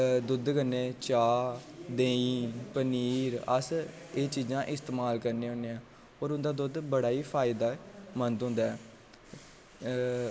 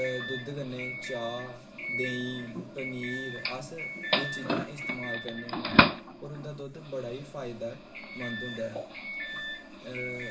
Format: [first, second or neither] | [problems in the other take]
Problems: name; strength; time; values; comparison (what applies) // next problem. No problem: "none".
first | background sound (Doorbell); 5 dB above the speech // room echo; dies away in 0.3 s